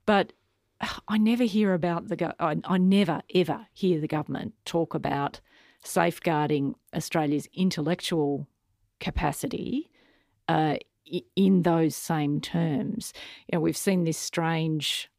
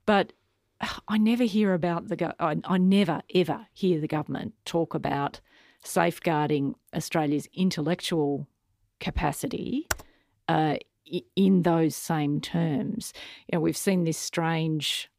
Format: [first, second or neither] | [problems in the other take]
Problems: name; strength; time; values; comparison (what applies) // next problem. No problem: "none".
first | keyboard typing; very faint; at 10 s; peak 6 dB below the speech